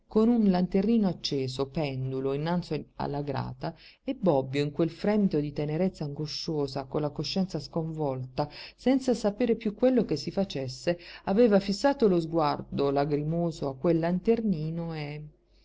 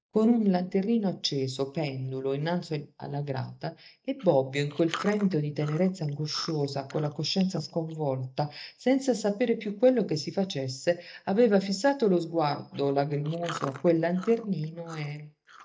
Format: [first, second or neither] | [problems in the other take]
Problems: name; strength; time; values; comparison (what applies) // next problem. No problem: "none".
first | noise reduction (neural mask model DeepFilterNet 3)